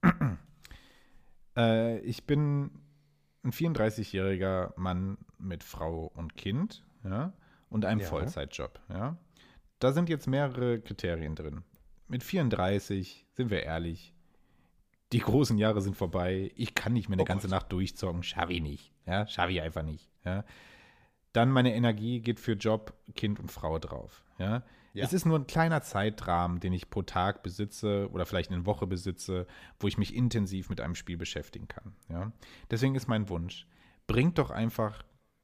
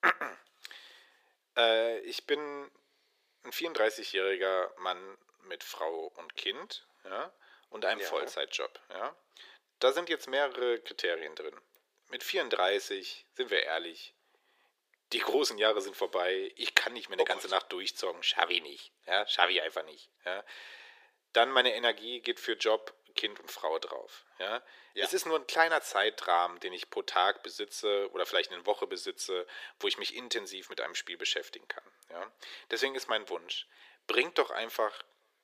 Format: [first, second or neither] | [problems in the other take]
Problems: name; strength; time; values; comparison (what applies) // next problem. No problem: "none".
first | thin; very; fading below 400 Hz